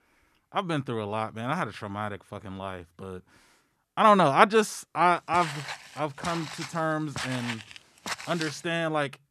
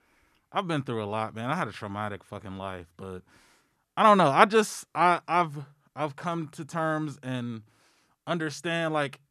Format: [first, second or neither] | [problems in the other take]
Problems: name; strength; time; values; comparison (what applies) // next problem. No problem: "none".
second | footsteps; noticeable; from 5.5 to 8.5 s; peak 6 dB below the speech